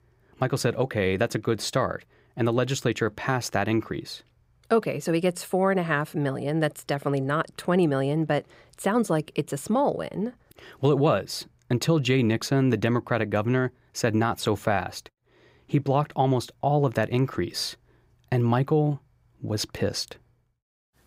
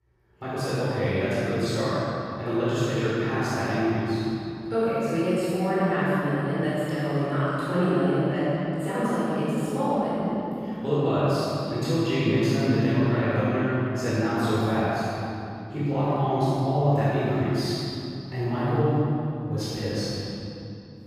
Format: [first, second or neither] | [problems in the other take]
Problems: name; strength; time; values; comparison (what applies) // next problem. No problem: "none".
first | off-mic speech; far // room echo; strong; dies away in 2.8 s